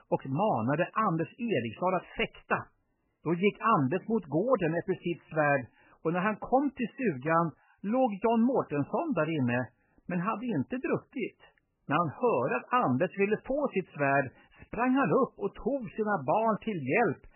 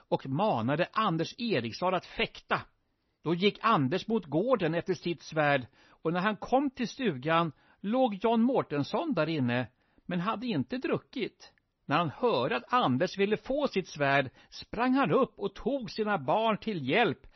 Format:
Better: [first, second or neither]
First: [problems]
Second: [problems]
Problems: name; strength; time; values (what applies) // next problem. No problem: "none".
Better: second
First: garbled, watery; badly; nothing above 3 kHz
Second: garbled, watery; slightly; nothing above 6 kHz